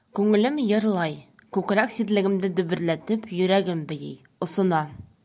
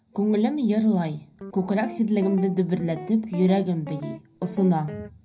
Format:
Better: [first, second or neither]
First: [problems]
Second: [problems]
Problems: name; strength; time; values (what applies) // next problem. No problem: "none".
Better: first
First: none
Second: background sound (Guitar); 15 dB below the speech // room echo; dies away in 0.4 s